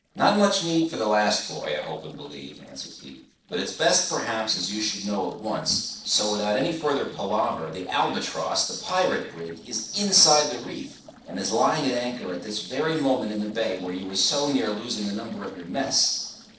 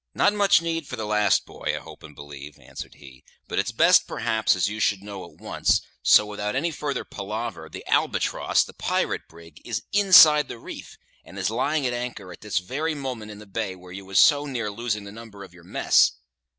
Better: second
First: noise reduction (neural separator model SepFormer DNS4)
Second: none

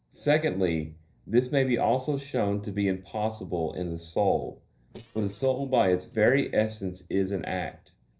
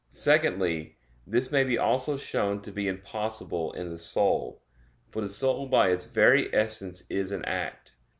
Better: second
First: noise reduction (neural separator model SepFormer DNS4)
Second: none

